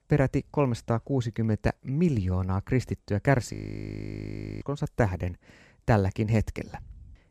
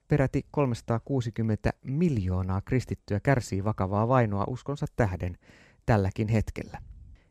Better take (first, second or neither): second